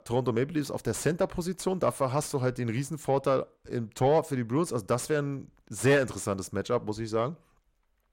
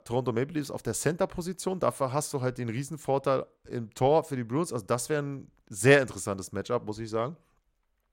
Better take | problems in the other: second | distortion; slight; 10 dB below the speech

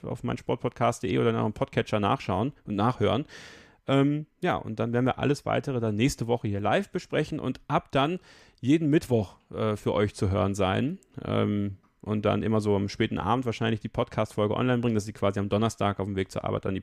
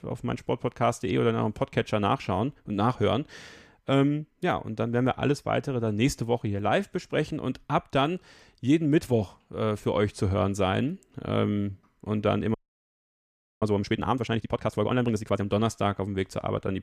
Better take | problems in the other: first | audio freezing; at 13 s for 1 s

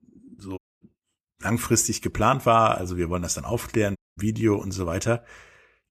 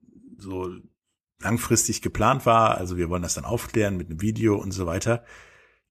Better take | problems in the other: second | audio cutting out; at 0.5 s and at 4 s

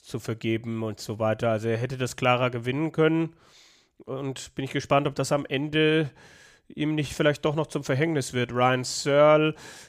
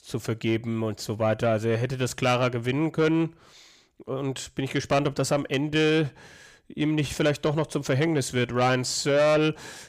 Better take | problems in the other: first | distortion; slight; 10 dB below the speech

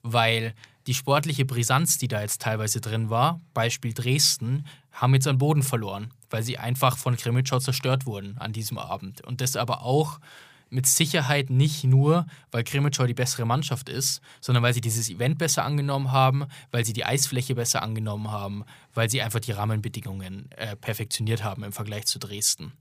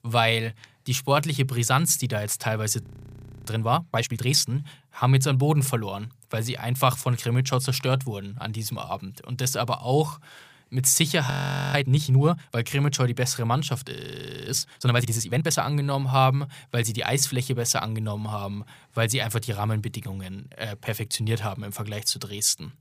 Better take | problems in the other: first | audio freezing; at 3 s for 0.5 s, at 11 s and at 14 s for 0.5 s

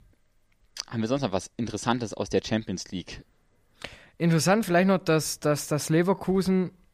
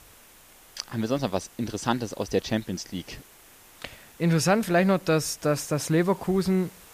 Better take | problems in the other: first | hiss; faint; throughout; 25 dB below the speech

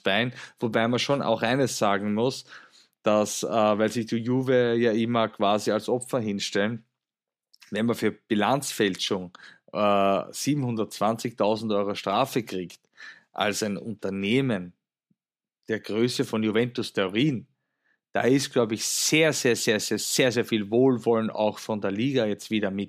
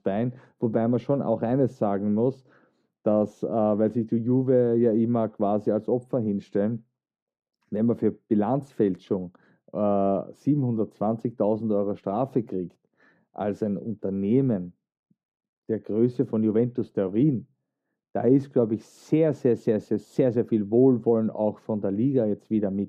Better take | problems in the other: first | muffled; very; fading above 1.5 kHz

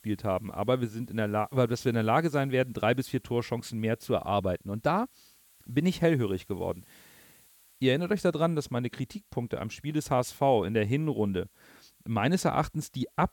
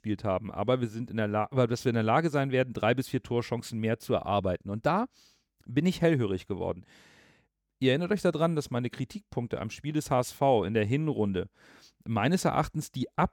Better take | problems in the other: second | hiss; faint; throughout; 30 dB below the speech

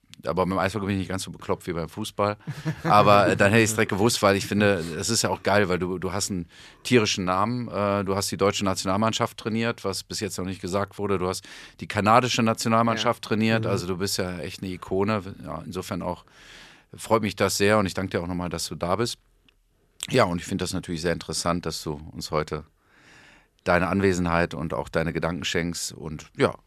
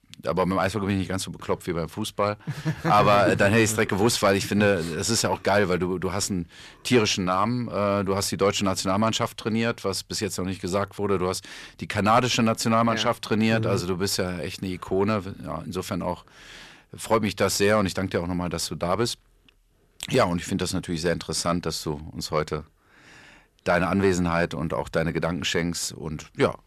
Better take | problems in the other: first | distortion; slight; 10 dB below the speech

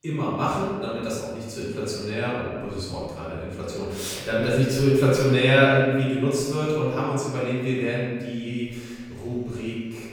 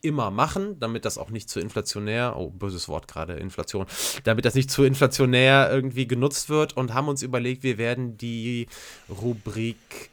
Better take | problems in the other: second | room echo; strong; dies away in 1.4 s // off-mic speech; far

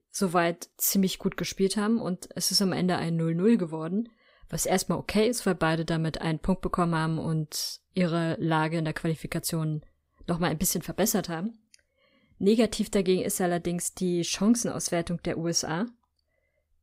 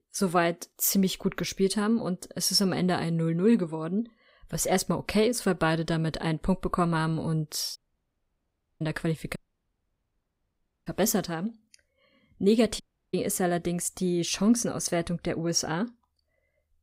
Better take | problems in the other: first | audio cutting out; at 8 s for 1 s, at 9.5 s for 1.5 s and at 13 s

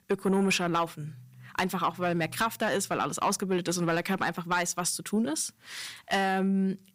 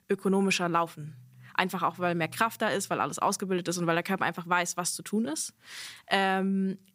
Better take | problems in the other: second | distortion; slight; 10 dB below the speech

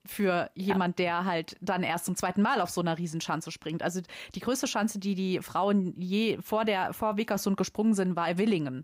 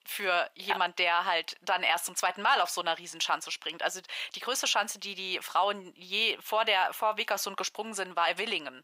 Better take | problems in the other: first | thin; very; fading below 800 Hz

